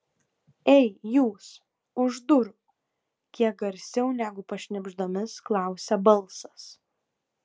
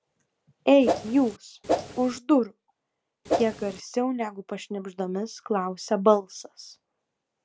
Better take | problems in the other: first | background sound (Whoosh, swoosh, swish); 2 dB below the speech

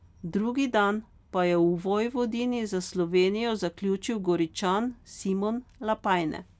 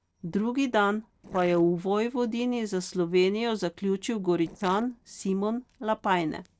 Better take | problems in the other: first | noise reduction (neural separator model SepFormer DNS4)

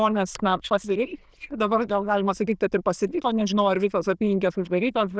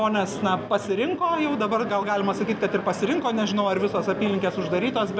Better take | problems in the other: second | noise reduction (neural diffusion model UNIVERSE++)

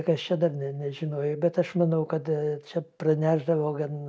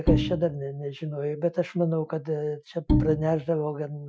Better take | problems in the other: first | noise reduction (classical method Wiener filter)

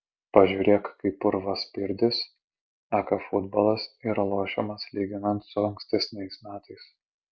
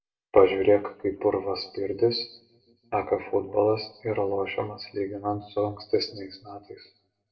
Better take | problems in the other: first | room echo; dies away in 0.6 s

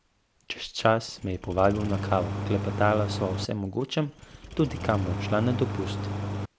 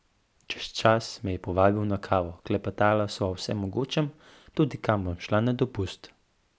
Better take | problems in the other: second | background sound (Engine starting); 5 dB below the speech

